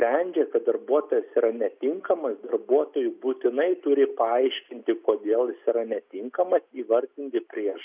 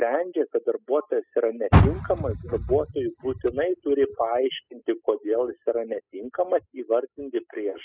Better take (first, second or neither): first